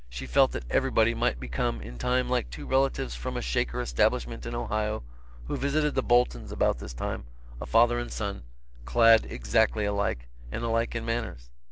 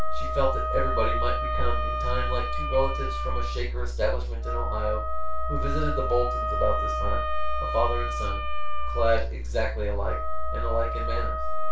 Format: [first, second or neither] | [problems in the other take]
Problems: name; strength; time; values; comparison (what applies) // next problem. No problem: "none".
first | background sound (Wind instrument, woodwind instrument); 8 dB below the speech // room echo; dies away in 0.2 s